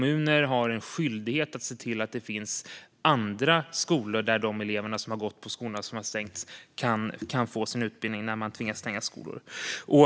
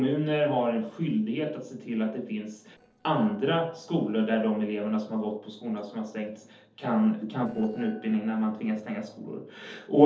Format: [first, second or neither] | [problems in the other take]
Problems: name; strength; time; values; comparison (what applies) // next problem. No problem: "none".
first | noise reduction (neural separator model SepFormer DNS4)